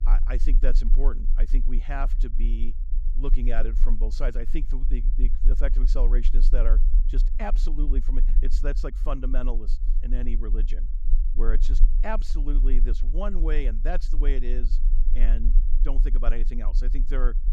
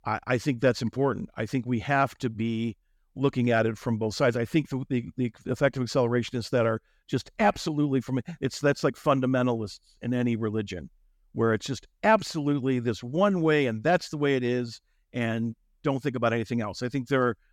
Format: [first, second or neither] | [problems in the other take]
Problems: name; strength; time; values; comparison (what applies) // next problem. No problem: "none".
second | low rumble; noticeable; throughout; 15 dB below the speech